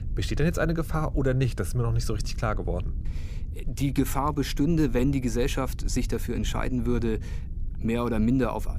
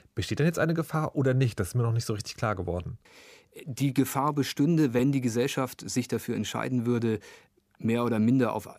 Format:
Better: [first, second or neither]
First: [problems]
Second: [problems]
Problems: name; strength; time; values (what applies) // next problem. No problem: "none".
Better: second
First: low rumble; faint; throughout; 20 dB below the speech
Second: none